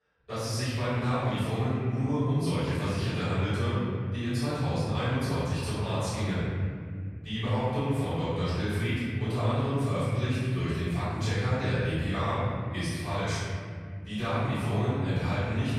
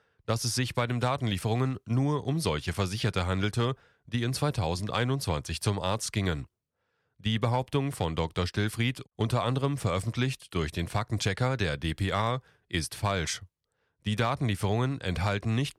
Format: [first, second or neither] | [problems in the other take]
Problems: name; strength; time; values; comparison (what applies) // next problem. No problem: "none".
second | off-mic speech; far // room echo; strong; dies away in 2.5 s